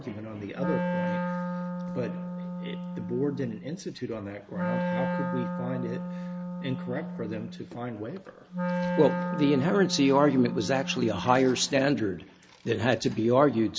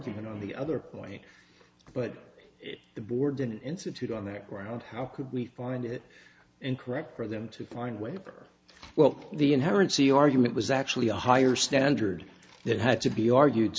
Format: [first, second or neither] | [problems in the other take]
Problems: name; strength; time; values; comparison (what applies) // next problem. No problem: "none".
second | background sound (Wind instrument, woodwind instrument); 4 dB below the speech